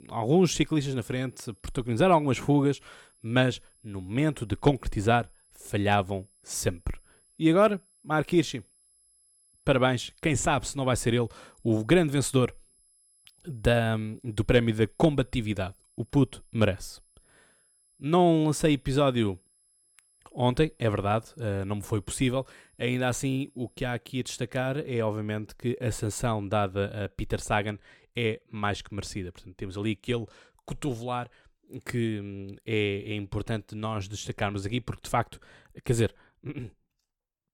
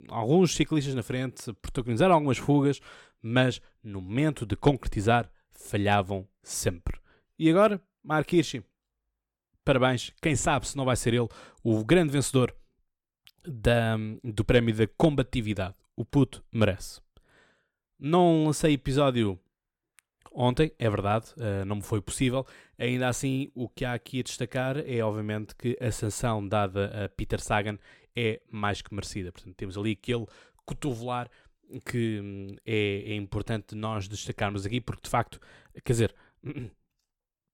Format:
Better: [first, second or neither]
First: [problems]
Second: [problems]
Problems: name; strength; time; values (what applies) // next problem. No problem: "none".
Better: second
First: high-pitched whine; faint; until 24 s; 11 kHz, 35 dB below the speech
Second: none